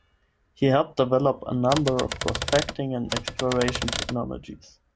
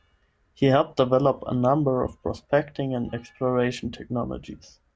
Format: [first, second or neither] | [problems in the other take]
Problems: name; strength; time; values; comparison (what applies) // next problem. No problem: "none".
second | background sound (Typewriter); 6 dB below the speech